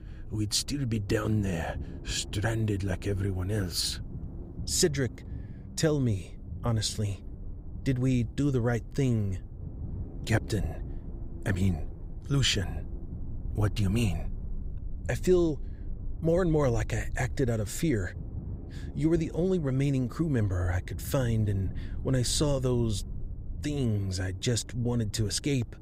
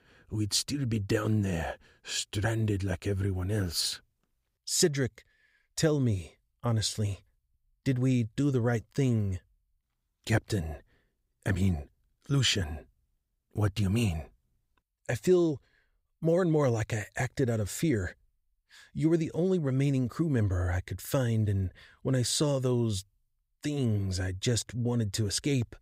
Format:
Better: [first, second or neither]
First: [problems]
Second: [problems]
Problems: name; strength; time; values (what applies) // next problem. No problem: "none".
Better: second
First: low rumble; noticeable; throughout; 20 dB below the speech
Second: none